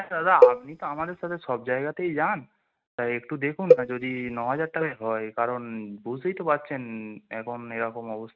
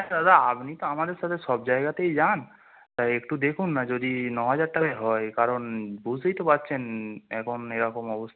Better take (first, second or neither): second